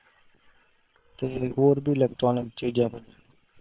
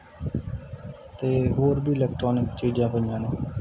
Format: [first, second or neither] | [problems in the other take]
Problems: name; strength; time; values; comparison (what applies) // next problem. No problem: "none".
second | noise reduction (neural separator model SepFormer WHAM!)